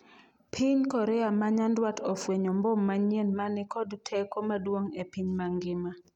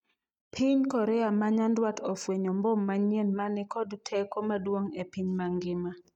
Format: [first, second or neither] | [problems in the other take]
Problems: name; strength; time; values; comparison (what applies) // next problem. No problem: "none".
first | noise reduction (neural mask model DeepFilterNet 3)